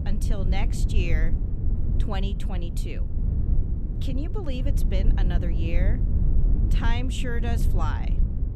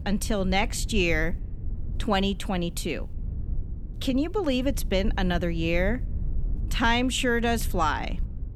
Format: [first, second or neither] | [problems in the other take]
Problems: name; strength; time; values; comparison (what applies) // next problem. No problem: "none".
second | low rumble; loud; throughout; 6 dB below the speech; faint in the second